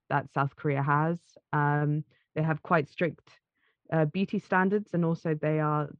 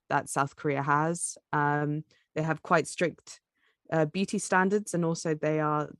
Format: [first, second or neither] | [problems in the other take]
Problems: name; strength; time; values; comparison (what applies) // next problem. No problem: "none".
second | muffled; very; fading above 3.5 kHz